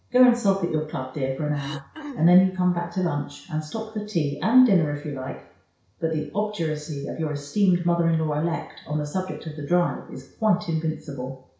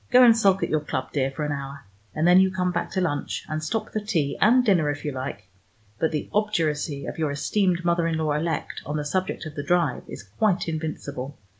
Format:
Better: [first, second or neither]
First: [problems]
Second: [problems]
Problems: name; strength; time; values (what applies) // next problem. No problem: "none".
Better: second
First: background sound (Cough); 13 dB below the speech // room echo; dies away in 0.6 s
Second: none